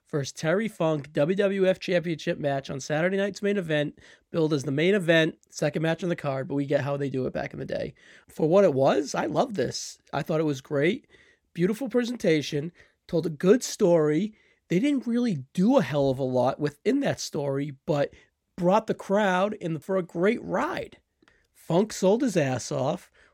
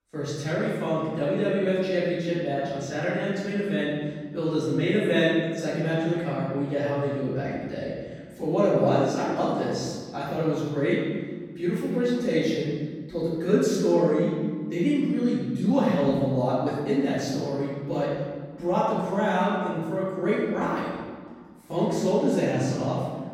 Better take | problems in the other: first | room echo; strong; dies away in 1.5 s // off-mic speech; far

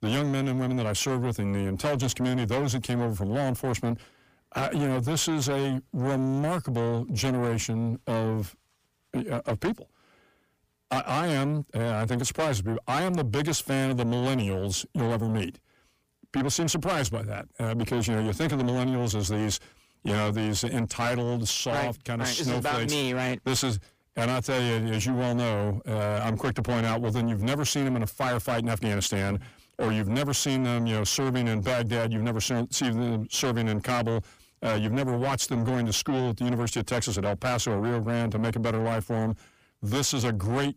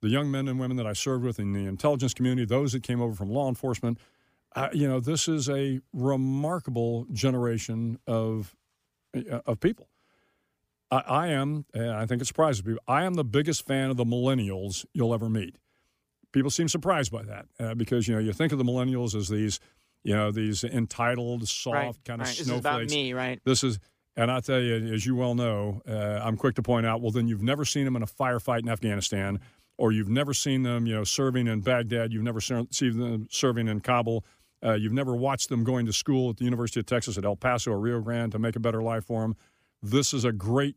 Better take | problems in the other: second | distortion; heavy; 7 dB below the speech

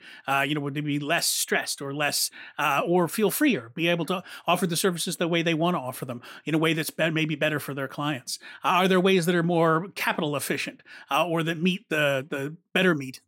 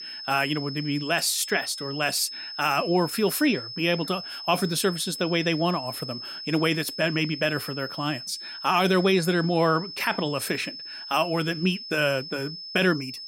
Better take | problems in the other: first | high-pitched whine; loud; throughout; 5 kHz, 10 dB below the speech

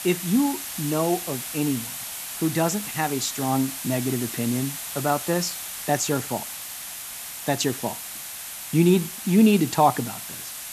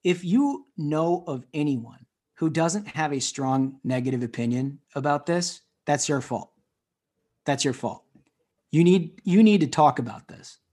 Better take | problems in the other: second | hiss; loud; throughout; 7 dB below the speech

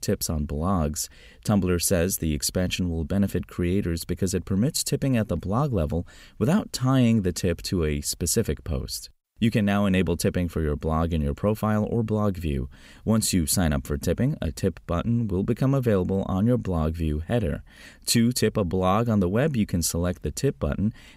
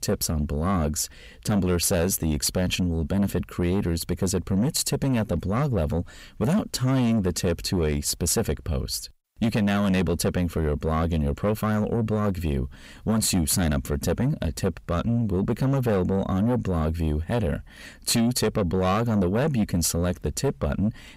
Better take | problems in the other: first | distortion; slight; 10 dB below the speech

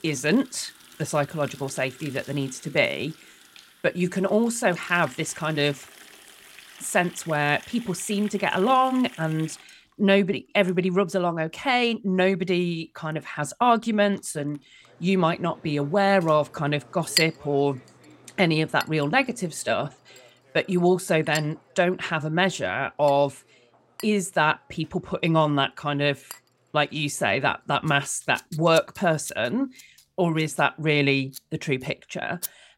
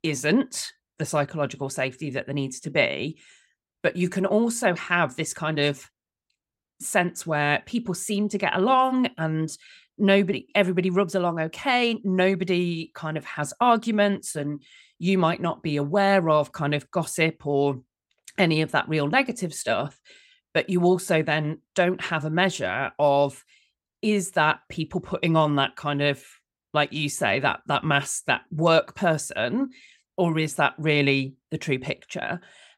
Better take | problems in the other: second | household noises; noticeable; throughout; 15 dB below the speech

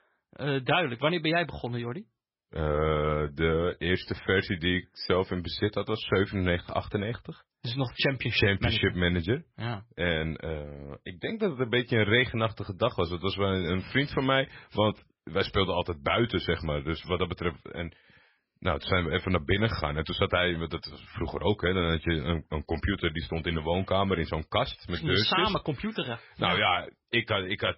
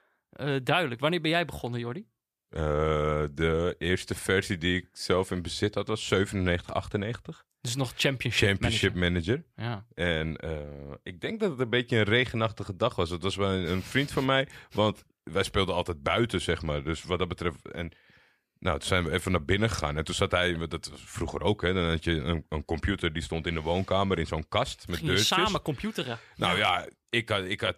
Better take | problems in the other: second | garbled, watery; badly; nothing above 5.5 kHz

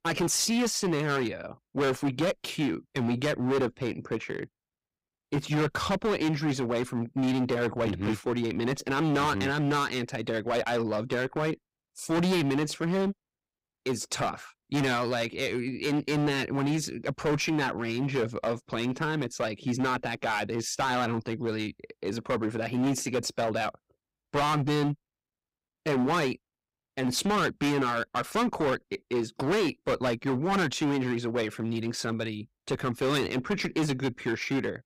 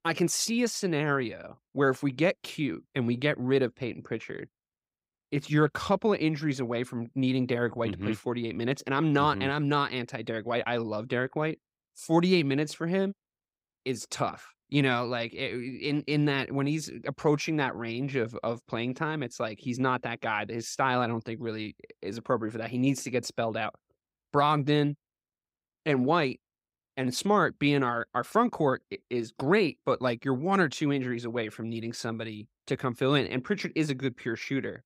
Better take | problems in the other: second | distortion; heavy; 14% of the sound clipped

